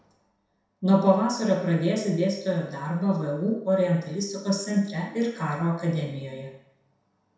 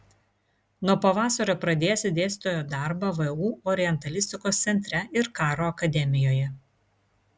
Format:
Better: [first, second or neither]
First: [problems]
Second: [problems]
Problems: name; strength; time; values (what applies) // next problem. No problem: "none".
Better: second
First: room echo; dies away in 0.7 s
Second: none